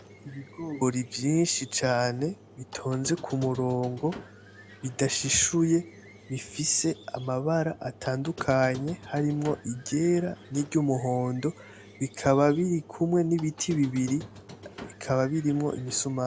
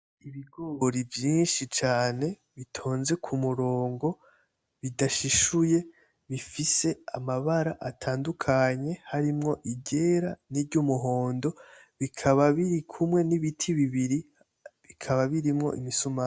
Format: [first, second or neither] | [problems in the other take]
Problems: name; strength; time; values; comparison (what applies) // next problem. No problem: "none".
second | background sound (Squeak); 19 dB below the speech